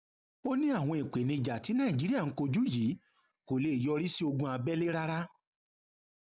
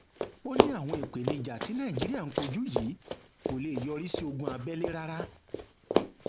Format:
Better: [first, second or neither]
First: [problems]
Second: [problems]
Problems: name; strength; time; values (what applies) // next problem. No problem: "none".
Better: first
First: none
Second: background sound (Run); 2 dB above the speech